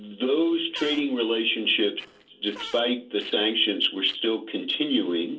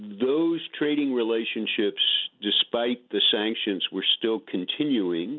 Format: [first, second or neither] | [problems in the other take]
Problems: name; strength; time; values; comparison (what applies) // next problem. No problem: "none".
second | noise reduction (neural separator model SepFormer DNS4)